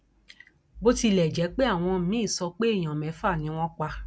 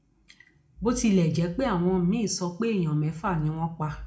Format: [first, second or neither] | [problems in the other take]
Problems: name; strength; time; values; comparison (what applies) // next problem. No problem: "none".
first | room echo; dies away in 0.3 s